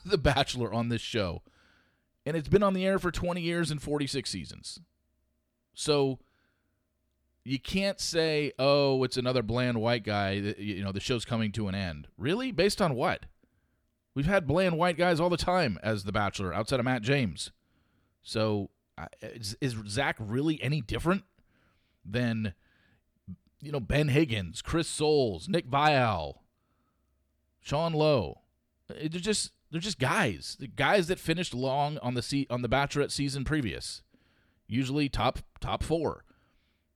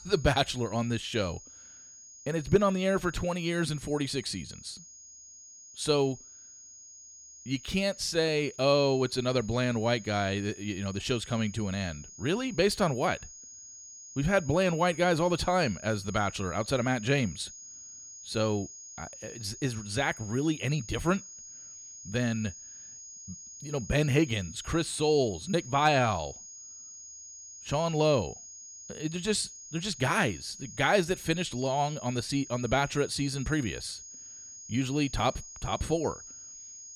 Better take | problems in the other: first | high-pitched whine; noticeable; throughout; 6.5 kHz, 15 dB below the speech

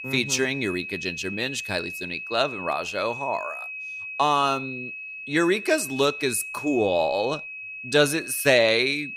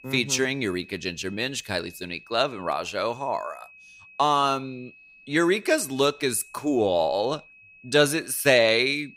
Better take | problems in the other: second | high-pitched whine; loud; throughout; 2.5 kHz, 9 dB below the speech; faint in the second

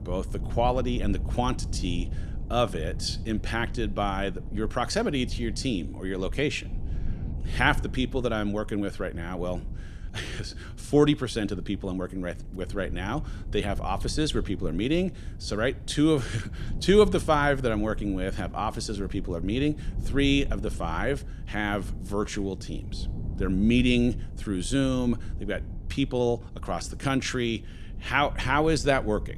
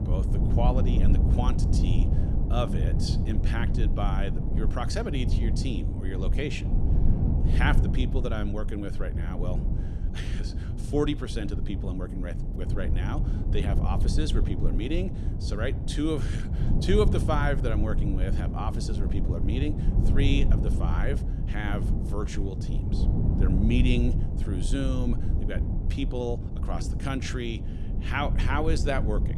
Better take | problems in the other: first | low rumble; loud; throughout; 6 dB below the speech; faint in the first

